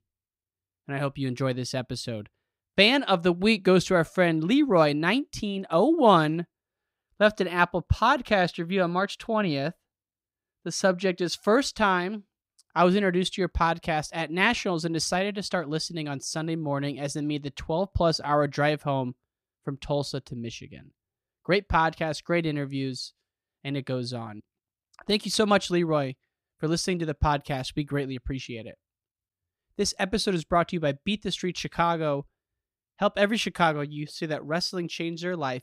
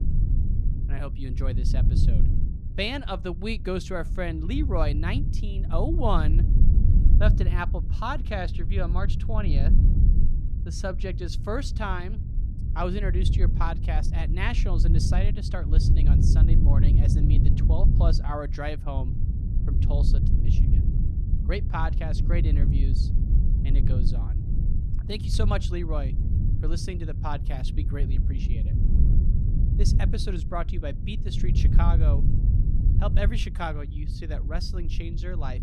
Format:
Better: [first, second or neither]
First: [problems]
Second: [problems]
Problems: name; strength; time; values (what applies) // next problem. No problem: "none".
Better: first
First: none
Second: low rumble; loud; throughout; 7 dB below the speech